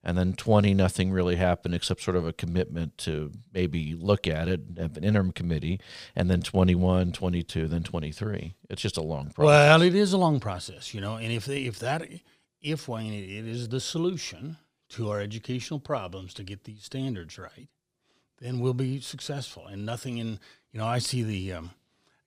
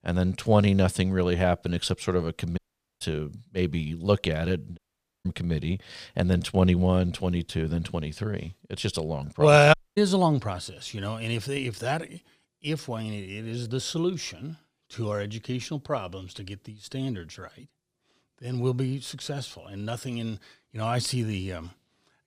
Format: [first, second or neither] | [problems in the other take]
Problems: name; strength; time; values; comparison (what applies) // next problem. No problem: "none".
first | audio cutting out; at 2.5 s, at 5 s and at 9.5 s